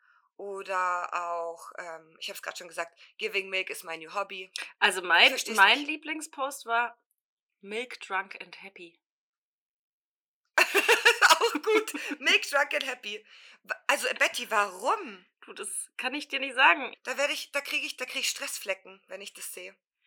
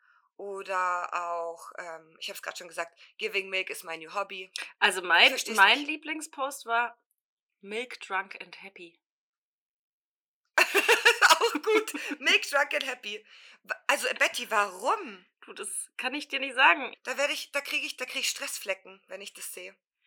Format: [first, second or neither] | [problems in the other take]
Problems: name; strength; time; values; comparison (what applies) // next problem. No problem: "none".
neither | thin; very; fading below 600 Hz; the same in both